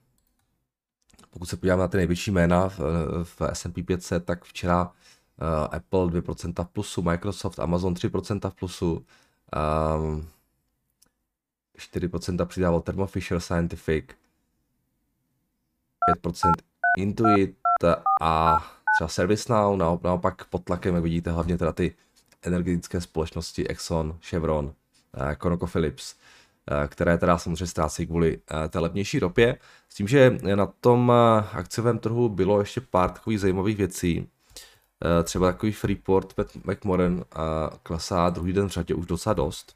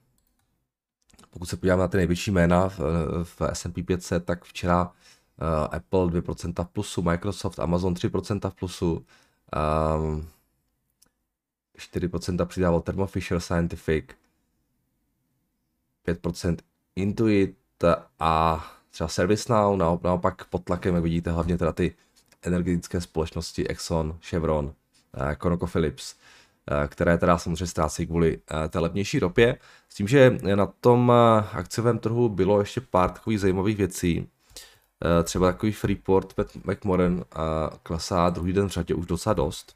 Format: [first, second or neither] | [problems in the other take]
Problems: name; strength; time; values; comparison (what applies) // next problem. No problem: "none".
second | phone ringing; loud; from 16 to 19 s; peak 1 dB above the speech